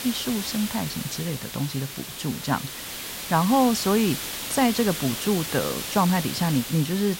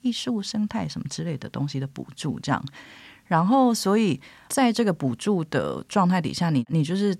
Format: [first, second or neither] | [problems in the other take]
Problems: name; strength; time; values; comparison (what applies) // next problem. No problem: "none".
second | hiss; loud; throughout; 6 dB below the speech